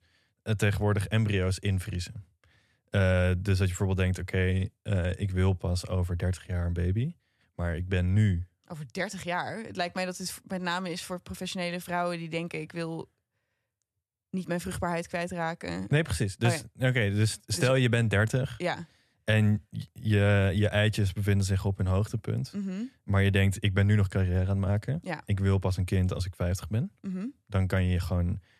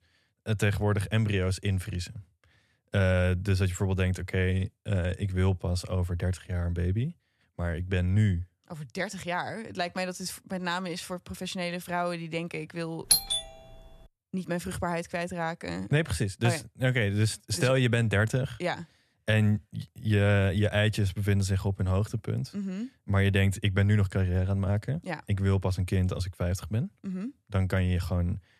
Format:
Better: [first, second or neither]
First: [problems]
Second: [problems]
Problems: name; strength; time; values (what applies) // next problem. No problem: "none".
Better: first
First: none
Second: doorbell; loud; at 13 s; peak 6 dB above the speech